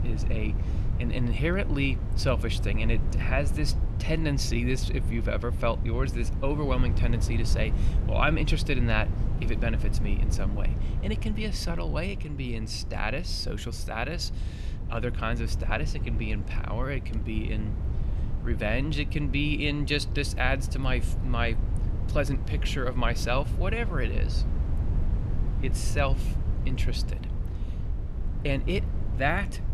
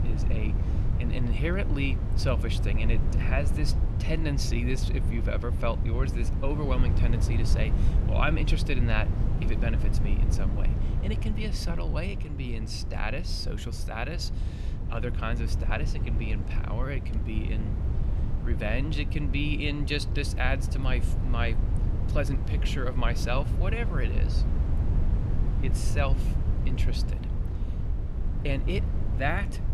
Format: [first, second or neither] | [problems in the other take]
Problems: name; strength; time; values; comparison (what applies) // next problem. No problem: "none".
first | wind noise on the microphone; heavy; 8 dB below the speech; occasional gusts in the first